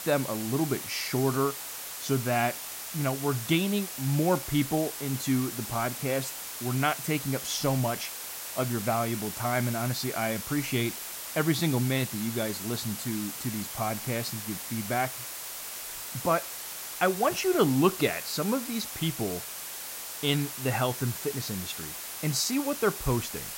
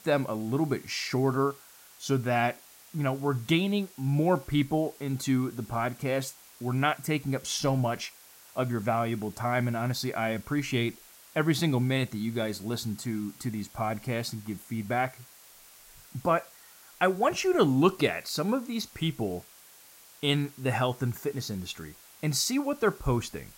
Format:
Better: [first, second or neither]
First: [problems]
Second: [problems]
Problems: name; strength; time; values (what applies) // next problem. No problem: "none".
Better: second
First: hiss; loud; throughout; 6 dB below the speech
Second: hiss; faint; throughout; 20 dB below the speech